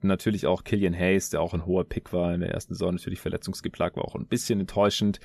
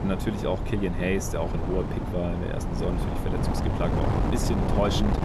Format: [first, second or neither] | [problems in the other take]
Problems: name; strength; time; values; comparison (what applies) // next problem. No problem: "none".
first | wind noise on the microphone; heavy; 2 dB below the speech